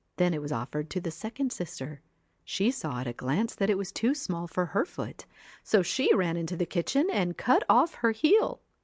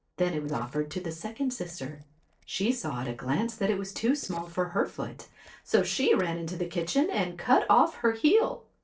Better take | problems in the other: first | noise reduction (neural separator model SepFormer DNS4)

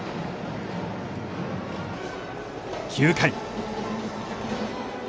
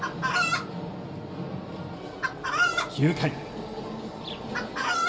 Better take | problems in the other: first | background sound (Chicken, rooster); 1 dB above the speech // room echo; dies away in 1.9 s

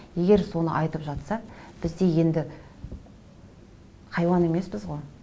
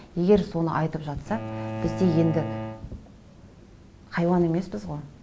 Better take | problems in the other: first | background sound (Bowed string instrument); 9 dB below the speech

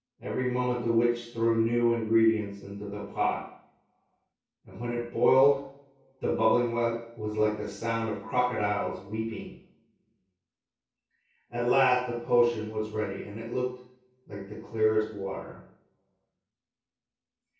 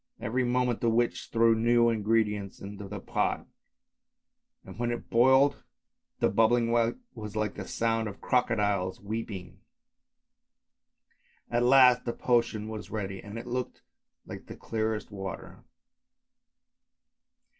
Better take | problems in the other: second | room echo; dies away in 0.6 s

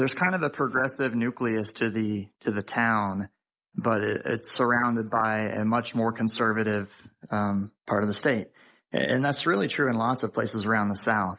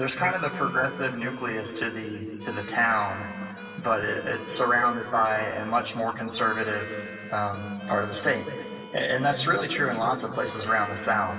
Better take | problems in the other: first | background sound (Harmonica); 16 dB below the speech // room echo; dies away in 2.5 s

